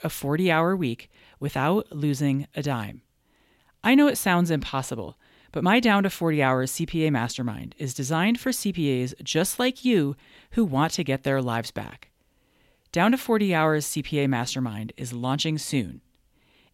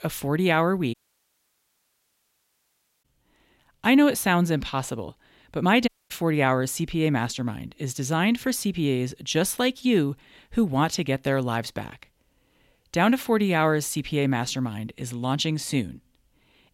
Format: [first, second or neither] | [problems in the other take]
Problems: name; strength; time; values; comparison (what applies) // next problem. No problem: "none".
first | audio cutting out; at 1 s for 2 s and at 6 s